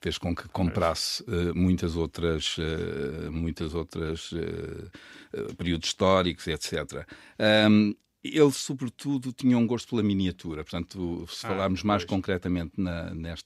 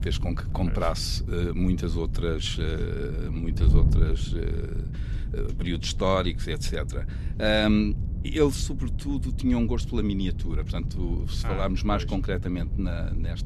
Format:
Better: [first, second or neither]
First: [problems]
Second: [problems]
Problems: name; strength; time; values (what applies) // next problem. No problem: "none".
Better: first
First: none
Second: wind noise on the microphone; occasional gusts; 15 dB below the speech